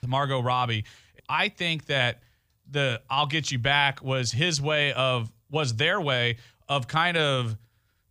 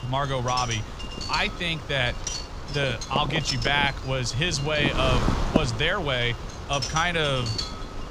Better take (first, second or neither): first